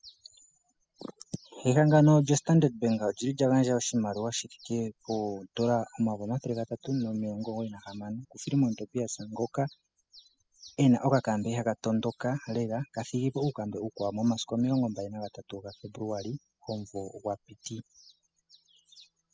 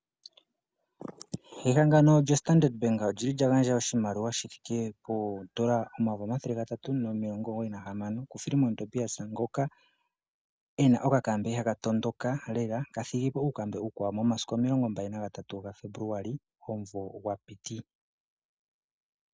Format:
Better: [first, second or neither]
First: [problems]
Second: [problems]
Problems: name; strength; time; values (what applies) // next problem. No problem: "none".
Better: second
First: noise reduction (classical method spectral subtraction)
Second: none